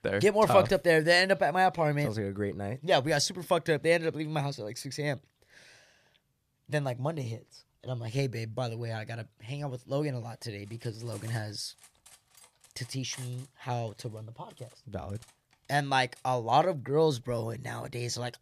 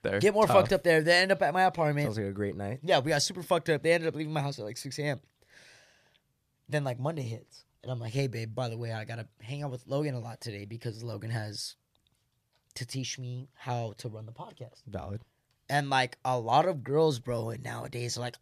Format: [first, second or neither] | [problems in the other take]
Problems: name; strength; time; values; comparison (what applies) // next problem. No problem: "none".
second | clattering dishes; faint; from 11 to 16 s; peak 20 dB below the speech